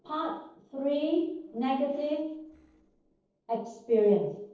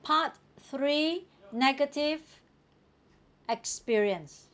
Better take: second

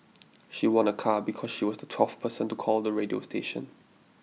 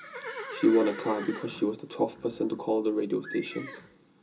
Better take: first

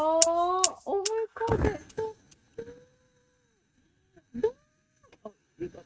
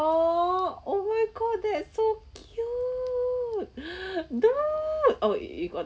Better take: second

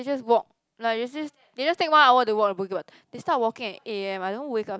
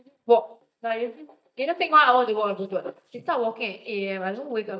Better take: first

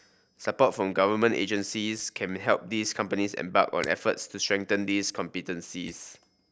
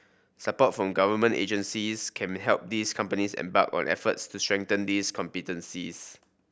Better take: second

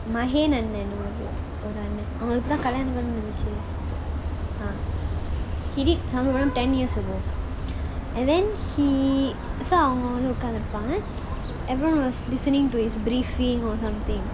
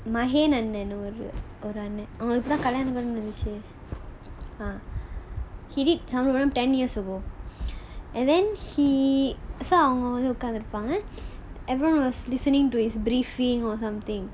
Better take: second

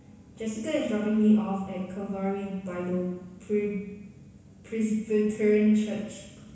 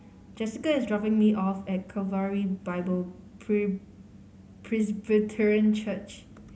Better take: second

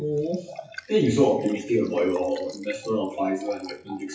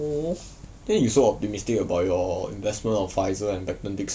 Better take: second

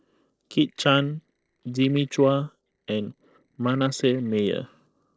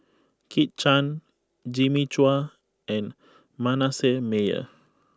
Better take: second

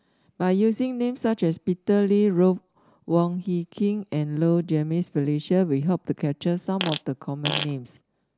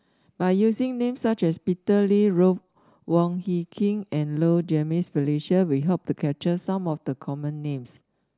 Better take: second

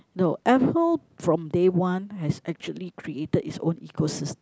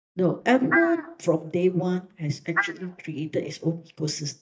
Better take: first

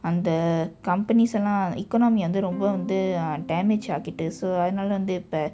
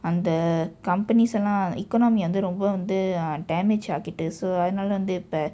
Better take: second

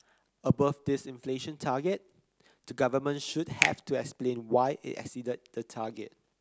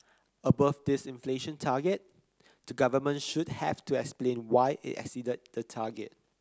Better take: second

